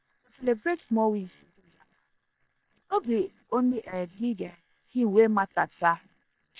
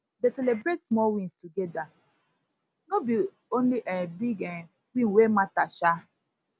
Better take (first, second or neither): second